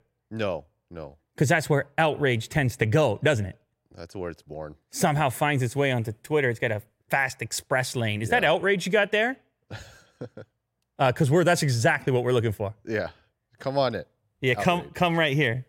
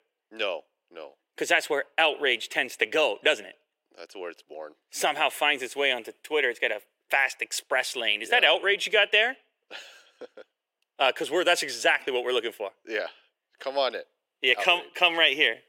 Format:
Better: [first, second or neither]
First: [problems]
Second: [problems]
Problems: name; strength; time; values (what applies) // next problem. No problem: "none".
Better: first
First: none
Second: thin; very; fading below 350 Hz